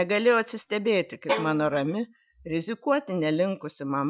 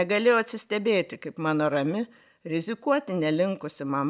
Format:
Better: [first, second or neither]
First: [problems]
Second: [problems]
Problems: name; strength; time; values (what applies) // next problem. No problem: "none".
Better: second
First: noise reduction (classical method Wiener filter)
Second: none